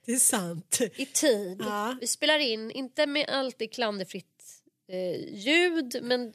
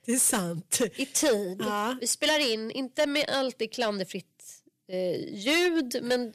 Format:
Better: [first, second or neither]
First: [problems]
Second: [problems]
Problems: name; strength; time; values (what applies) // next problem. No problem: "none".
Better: first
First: none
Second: distortion; slight; 6% of the sound clipped